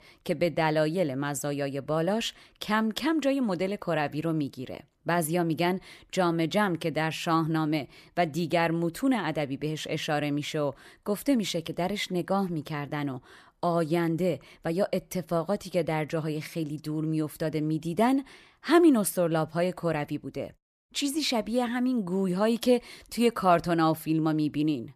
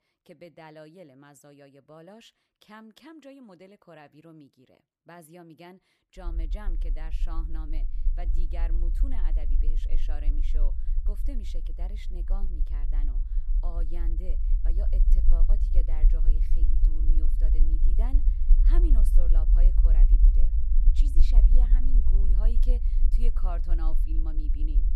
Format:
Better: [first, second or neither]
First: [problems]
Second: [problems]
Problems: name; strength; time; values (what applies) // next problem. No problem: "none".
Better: first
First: none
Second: low rumble; loud; from 6 s on; 5 dB below the speech